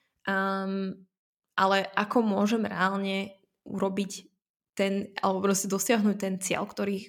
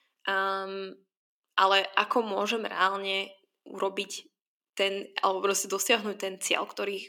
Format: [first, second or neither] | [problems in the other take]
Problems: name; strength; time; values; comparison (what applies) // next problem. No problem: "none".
first | thin; somewhat; fading below 300 Hz